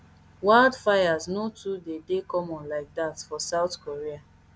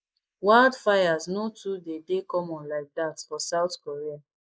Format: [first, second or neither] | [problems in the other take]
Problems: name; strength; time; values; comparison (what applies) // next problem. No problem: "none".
first | noise reduction (neural mask model Resemble Enhance denoiser)